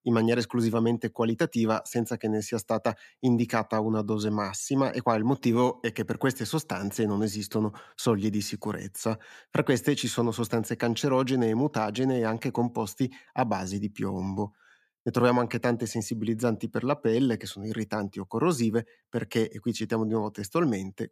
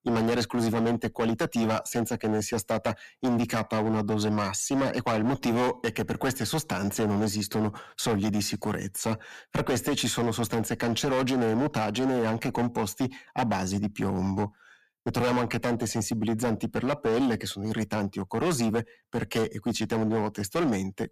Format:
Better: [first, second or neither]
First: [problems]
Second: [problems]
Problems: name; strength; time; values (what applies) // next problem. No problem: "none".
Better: first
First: none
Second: distortion; heavy; 15% of the sound clipped